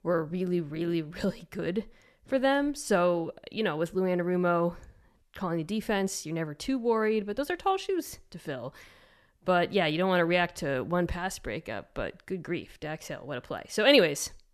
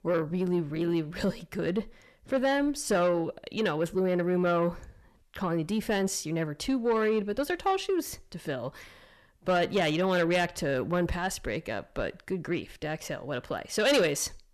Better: first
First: none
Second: distortion; slight; 10 dB below the speech

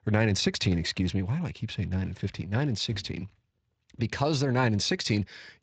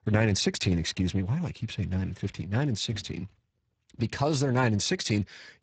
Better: first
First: garbled, watery; slightly; nothing above 7.5 kHz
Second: garbled, watery; badly; nothing above 8 kHz

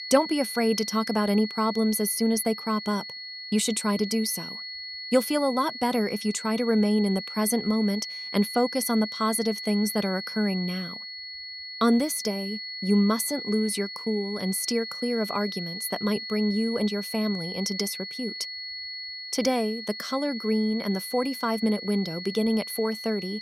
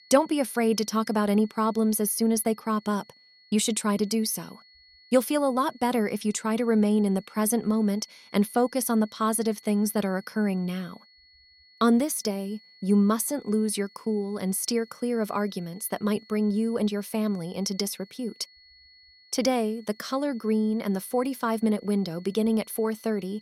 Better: second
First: high-pitched whine; loud; throughout; 4.5 kHz, 8 dB below the speech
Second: high-pitched whine; faint; throughout; 4.5 kHz, 25 dB below the speech

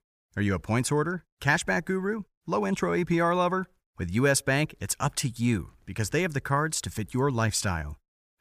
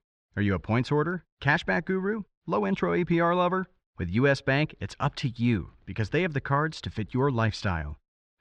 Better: first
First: none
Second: muffled; slightly; fading above 4 kHz

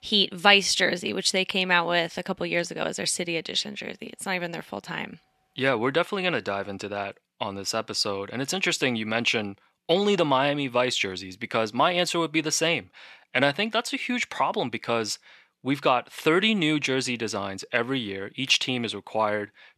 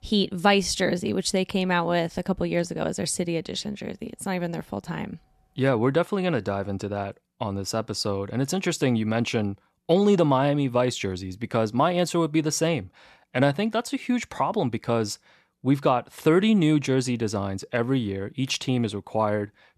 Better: second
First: thin; very slightly; fading below 600 Hz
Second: none

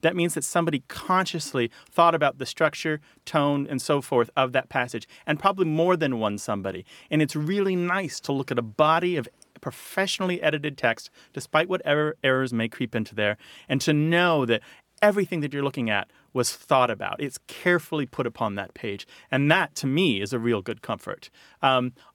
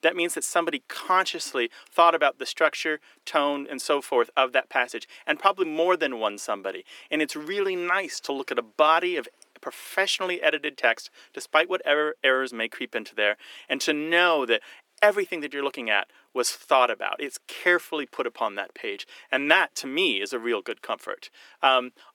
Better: first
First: none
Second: thin; somewhat; fading below 300 Hz

